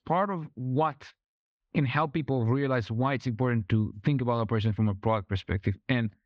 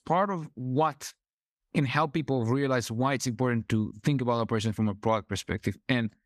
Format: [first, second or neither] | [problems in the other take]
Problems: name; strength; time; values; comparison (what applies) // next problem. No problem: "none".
second | muffled; slightly; fading above 3.5 kHz